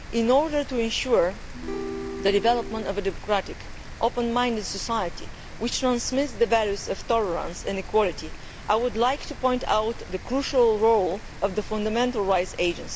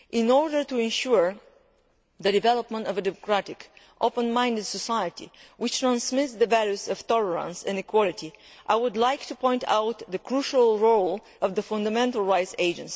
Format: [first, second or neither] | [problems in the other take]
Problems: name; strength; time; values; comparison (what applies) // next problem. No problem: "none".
second | background sound (Acoustic guitar / Strum + Rain); 11 dB below the speech